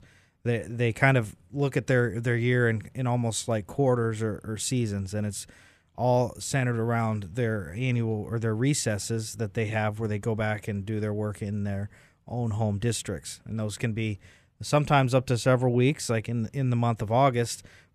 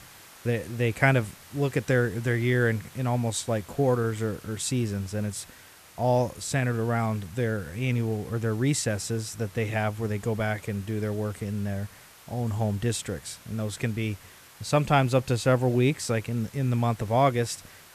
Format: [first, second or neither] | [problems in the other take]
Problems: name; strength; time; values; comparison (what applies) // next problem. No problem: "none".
first | hiss; faint; throughout; 20 dB below the speech